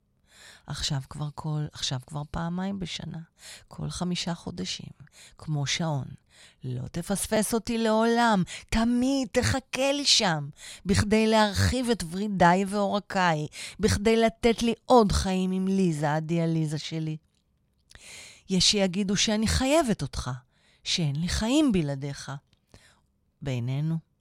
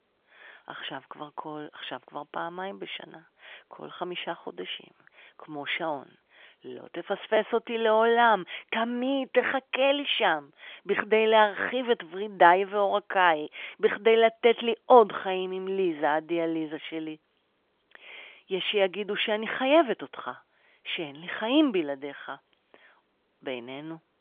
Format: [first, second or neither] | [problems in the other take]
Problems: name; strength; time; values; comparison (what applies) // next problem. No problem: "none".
first | phone-call audio; nothing above 3.5 kHz